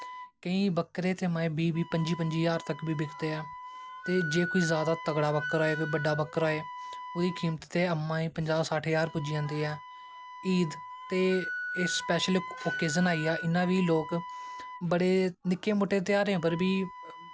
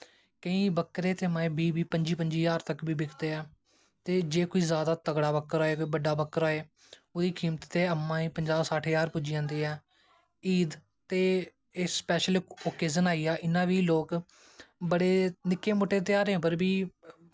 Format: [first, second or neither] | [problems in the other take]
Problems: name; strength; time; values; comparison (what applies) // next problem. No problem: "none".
second | background sound (Wind instrument, woodwind instrument); 11 dB below the speech